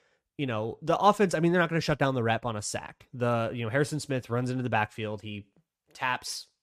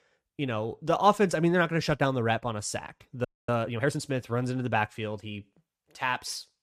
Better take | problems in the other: first | audio freezing; at 3.5 s

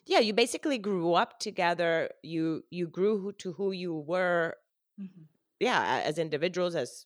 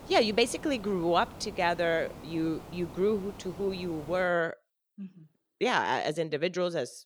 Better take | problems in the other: first | hiss; noticeable; until 4.5 s; 15 dB below the speech

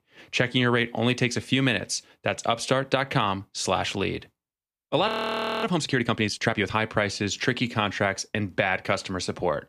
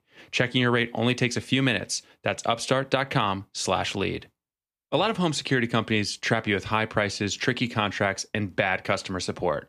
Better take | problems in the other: second | audio freezing; at 5 s for 0.5 s

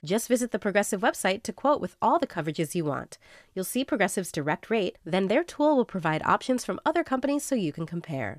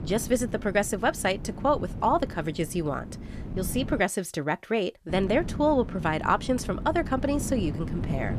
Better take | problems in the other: first | wind noise on the microphone; occasional gusts; until 4 s and from 5 s on; 15 dB below the speech

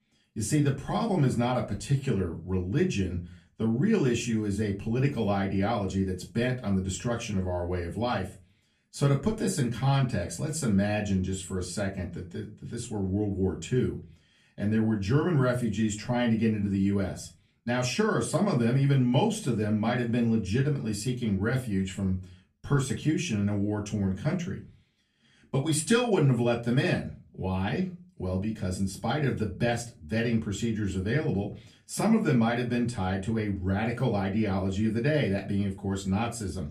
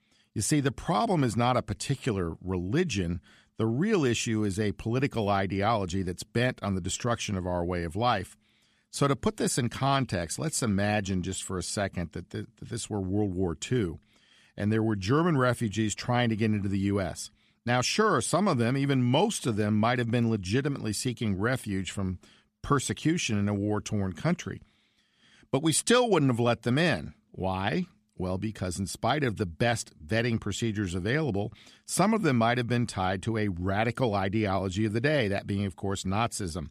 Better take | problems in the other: second | off-mic speech; far // room echo; very slight; dies away in 0.3 s

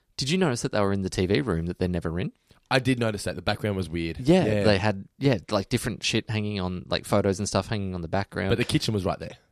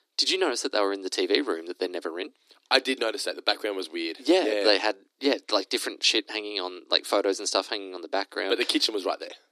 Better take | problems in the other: first | thin; somewhat; fading below 300 Hz

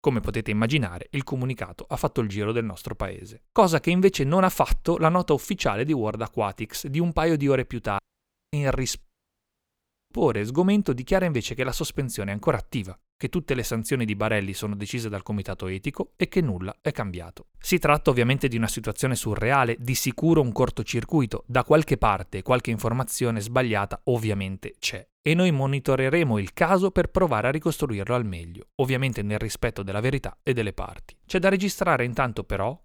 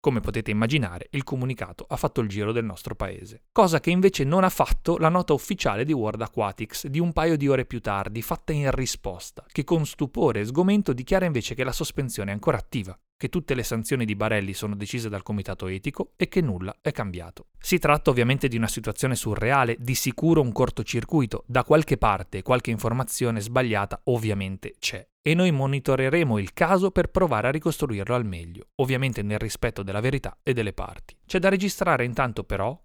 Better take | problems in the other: second | audio cutting out; at 8 s for 0.5 s and at 9 s for 1 s

